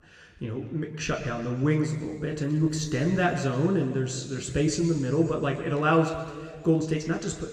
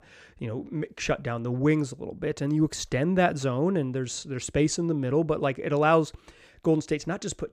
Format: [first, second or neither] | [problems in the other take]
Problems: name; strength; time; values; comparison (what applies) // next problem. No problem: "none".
second | room echo; noticeable; dies away in 1.9 s